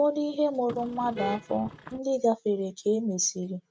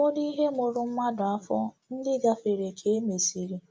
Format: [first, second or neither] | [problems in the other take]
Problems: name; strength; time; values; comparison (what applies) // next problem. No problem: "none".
second | noise reduction (neural mask model RNNoise)